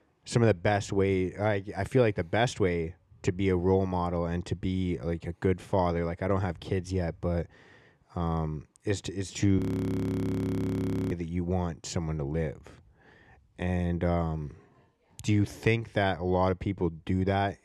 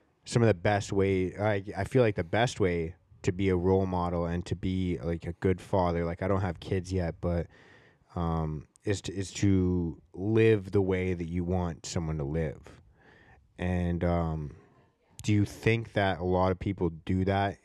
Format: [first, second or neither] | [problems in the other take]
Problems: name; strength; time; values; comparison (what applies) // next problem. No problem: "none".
second | audio freezing; at 9.5 s for 1.5 s